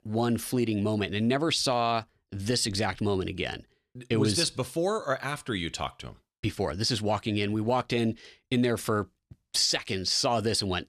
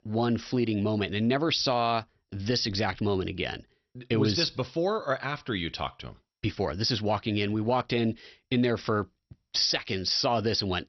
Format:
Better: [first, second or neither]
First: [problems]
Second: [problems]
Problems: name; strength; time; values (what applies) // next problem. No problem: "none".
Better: first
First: none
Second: garbled, watery; slightly; nothing above 6 kHz